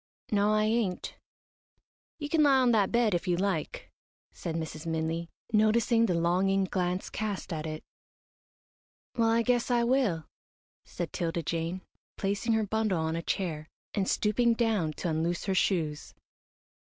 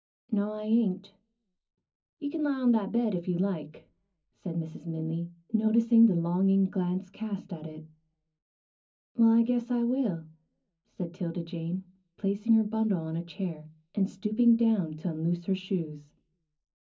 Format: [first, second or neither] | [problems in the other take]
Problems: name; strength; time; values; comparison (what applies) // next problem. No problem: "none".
first | room echo; dies away in 0.4 s